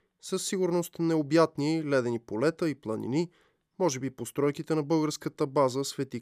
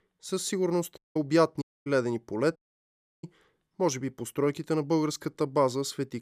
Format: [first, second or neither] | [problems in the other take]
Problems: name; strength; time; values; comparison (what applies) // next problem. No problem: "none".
first | audio cutting out; at 1 s, at 1.5 s and at 2.5 s for 0.5 s